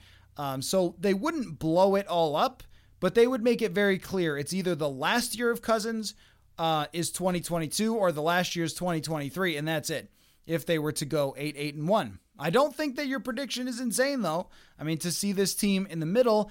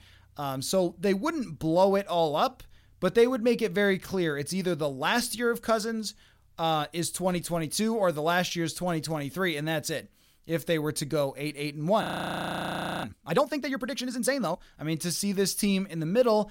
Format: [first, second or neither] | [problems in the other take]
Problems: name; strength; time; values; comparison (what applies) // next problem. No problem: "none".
first | audio freezing; at 12 s for 1 s